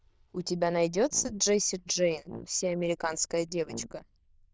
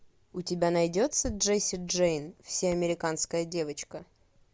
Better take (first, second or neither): second